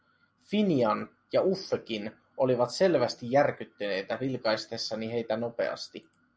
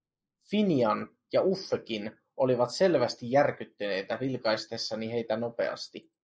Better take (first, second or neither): first